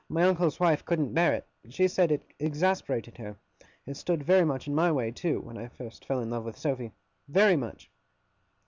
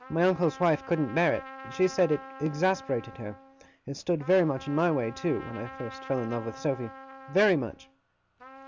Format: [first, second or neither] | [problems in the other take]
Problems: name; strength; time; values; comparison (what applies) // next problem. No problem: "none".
first | background sound (Trumpet); 16 dB below the speech